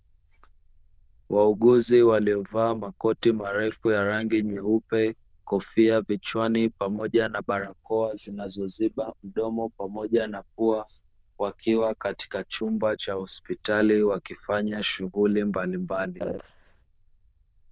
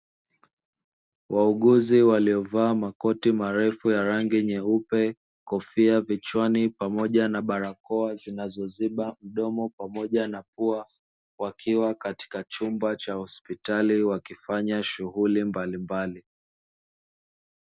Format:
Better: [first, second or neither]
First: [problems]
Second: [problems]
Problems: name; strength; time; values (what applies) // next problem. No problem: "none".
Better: second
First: noise reduction (neural diffusion model UNIVERSE++)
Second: none